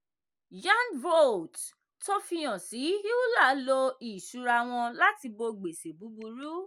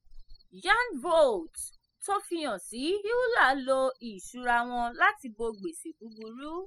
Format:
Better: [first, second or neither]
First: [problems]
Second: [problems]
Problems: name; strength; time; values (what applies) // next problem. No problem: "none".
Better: first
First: none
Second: noise reduction (classical method spectral subtraction)